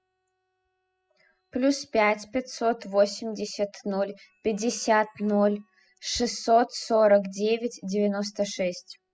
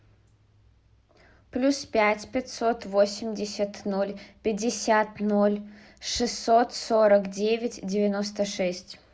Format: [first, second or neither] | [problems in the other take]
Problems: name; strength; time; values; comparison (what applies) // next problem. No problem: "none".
second | noise reduction (classical method spectral subtraction)